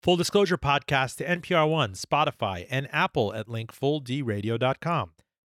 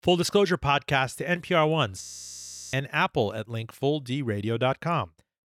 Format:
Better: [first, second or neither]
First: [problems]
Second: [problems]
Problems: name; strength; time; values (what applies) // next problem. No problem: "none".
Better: first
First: none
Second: audio freezing; at 2 s for 0.5 s